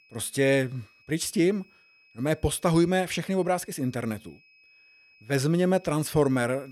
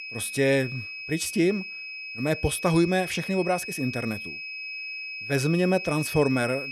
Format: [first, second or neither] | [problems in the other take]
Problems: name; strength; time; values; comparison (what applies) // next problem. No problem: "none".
first | high-pitched whine; loud; throughout; 2.5 kHz, 8 dB below the speech; faint in the first